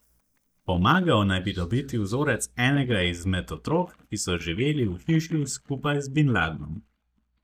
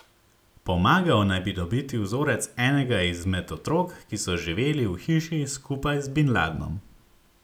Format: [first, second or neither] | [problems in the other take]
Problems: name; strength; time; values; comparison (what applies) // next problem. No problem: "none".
second | noise reduction (neural mask model DeepFilterNet 3)